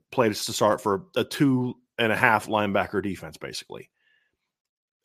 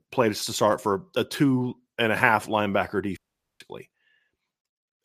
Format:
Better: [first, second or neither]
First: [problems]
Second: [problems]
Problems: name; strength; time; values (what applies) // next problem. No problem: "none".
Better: first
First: none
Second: audio cutting out; at 3 s